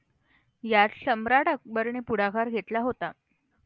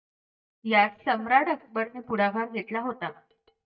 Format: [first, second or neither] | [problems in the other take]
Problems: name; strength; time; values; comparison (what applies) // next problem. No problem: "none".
first | noise reduction (neural mask model DeepFilterNet 3)